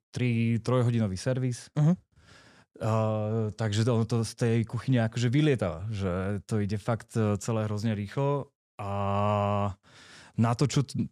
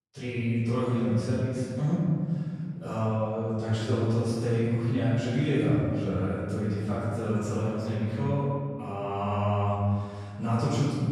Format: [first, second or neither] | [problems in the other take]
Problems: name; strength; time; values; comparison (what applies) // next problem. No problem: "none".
first | off-mic speech; far // room echo; strong; dies away in 2.2 s